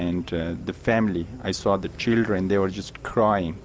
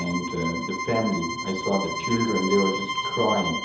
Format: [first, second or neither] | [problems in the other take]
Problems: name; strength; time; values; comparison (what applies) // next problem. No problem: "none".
first | background sound (Bowed string instrument); 4 dB below the speech // room echo; dies away in 0.8 s